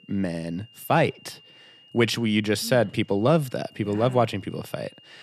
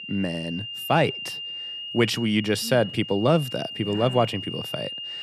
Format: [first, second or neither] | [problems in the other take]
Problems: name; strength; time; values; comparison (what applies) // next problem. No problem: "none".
first | high-pitched whine; loud; throughout; 3 kHz, 8 dB below the speech; faint in the first